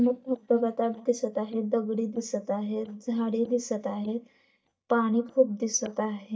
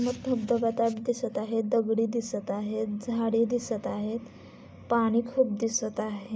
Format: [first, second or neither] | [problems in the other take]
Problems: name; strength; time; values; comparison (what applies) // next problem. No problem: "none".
second | noise reduction (neural mask model DeepFilterNet 3)